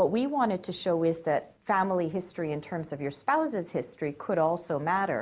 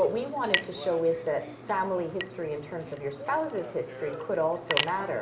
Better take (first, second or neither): first